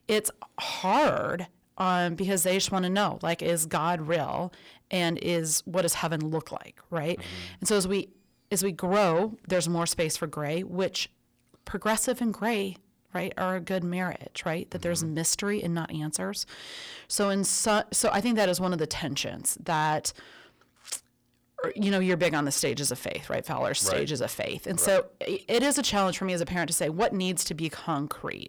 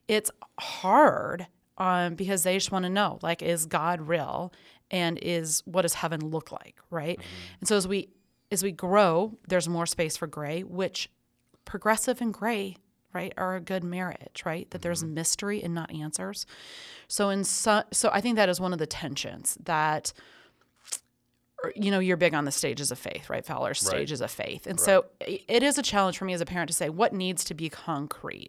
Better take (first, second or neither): second